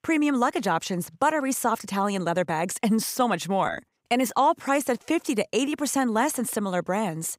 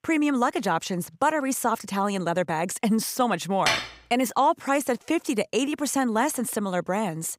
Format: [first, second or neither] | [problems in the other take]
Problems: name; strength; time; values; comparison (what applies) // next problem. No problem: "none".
first | clattering dishes; loud; at 3.5 s; peak level with the speech